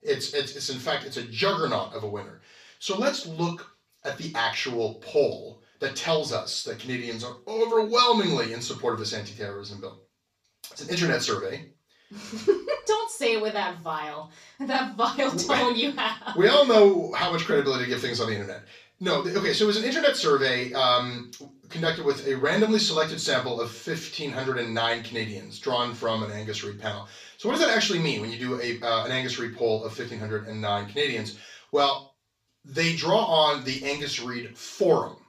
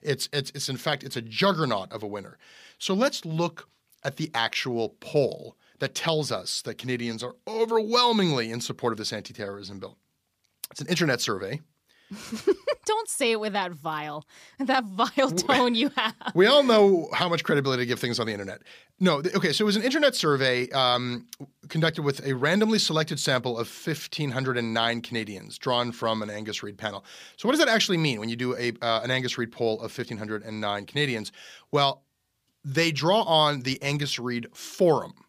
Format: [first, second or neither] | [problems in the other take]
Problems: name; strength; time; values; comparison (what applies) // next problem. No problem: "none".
second | room echo; slight; dies away in 0.3 s // off-mic speech; far